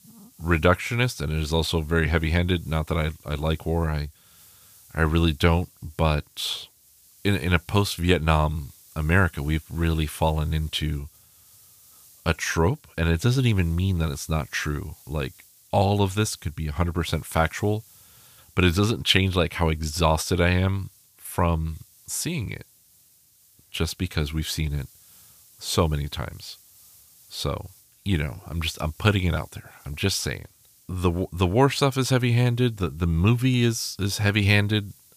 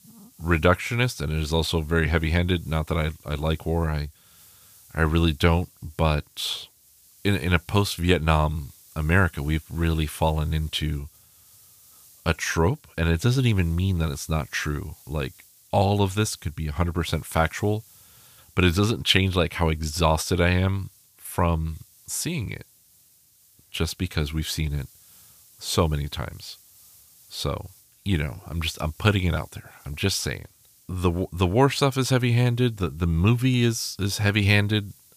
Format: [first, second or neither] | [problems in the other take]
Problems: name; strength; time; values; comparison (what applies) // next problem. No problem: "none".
neither | hiss; faint; throughout; 25 dB below the speech; the same in both